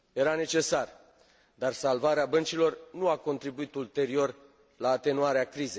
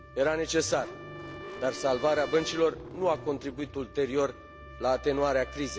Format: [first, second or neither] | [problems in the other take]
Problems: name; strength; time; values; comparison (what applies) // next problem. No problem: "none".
first | background sound (Engine starting / Car + Trumpet); 13 dB below the speech